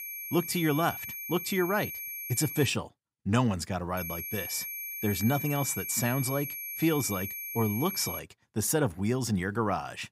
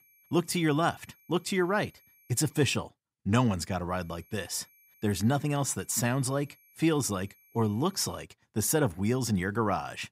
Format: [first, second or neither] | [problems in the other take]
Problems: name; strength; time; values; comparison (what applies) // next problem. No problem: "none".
second | high-pitched whine; loud; until 2.5 s and from 4 to 8 s; 11.5 kHz, 5 dB below the speech; faint in the second